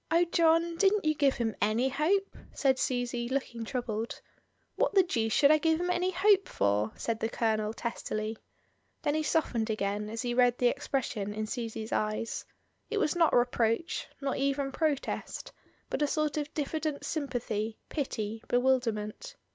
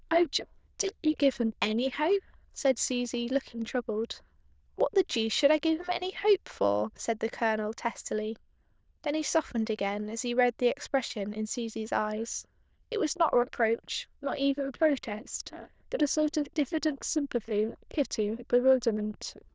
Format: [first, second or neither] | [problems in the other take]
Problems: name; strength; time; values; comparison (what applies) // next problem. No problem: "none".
first | noise reduction (neural diffusion model UNIVERSE++)